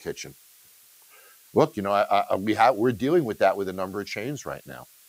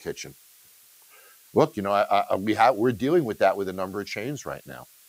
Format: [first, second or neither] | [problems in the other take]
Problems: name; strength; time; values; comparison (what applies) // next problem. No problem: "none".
neither | hiss; faint; throughout; 25 dB below the speech; the same in both